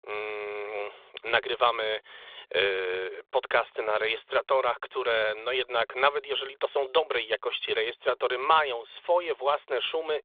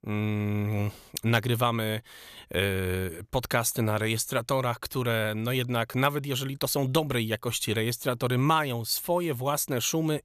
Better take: second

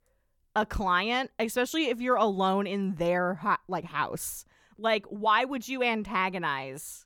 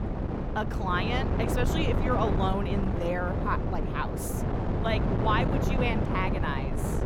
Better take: first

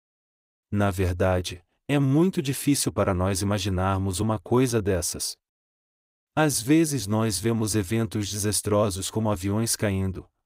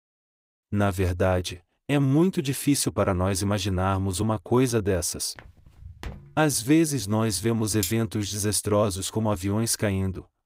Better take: first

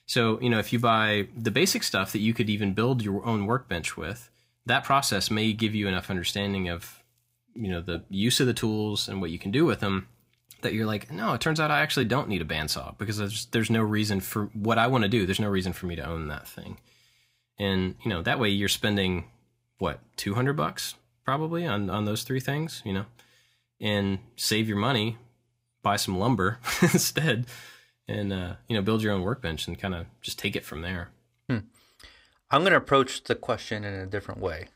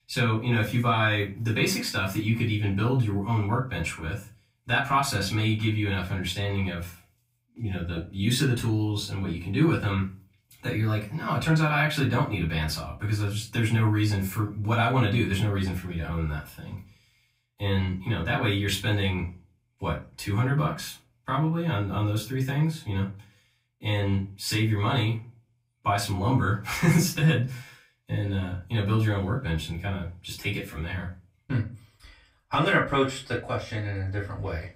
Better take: first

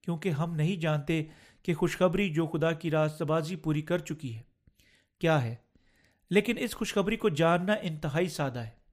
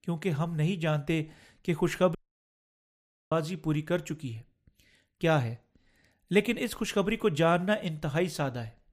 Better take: first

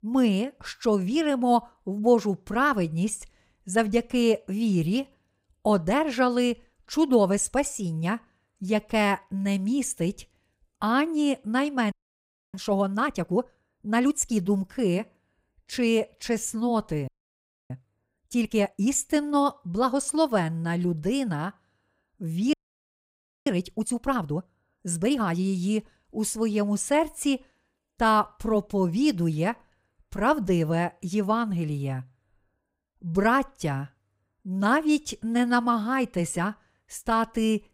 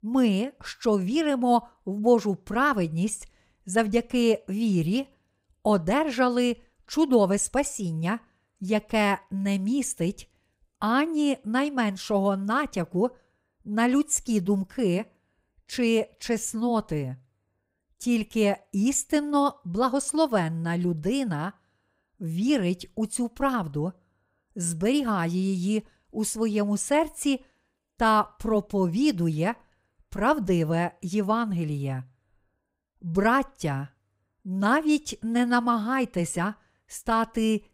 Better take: second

